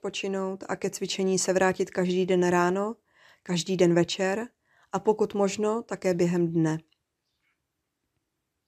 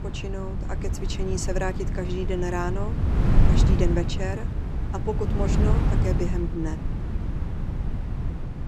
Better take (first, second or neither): first